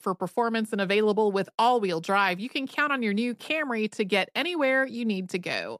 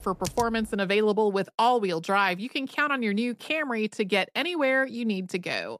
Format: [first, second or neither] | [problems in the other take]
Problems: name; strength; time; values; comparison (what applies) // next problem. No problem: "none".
first | keyboard typing; faint; at the start; peak 10 dB below the speech